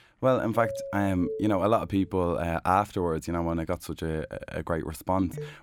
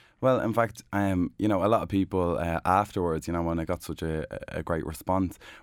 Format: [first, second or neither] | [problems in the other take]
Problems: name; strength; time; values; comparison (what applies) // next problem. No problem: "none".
second | doorbell; noticeable; from 0.5 to 1.5 s; peak 6 dB below the speech // phone ringing; faint; at 5 s; peak 10 dB below the speech